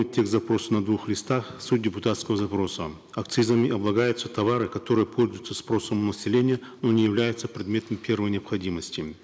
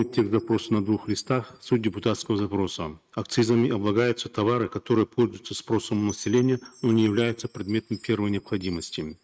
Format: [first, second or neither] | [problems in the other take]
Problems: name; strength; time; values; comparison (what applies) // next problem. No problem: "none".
first | noise reduction (neural mask model RNNoise)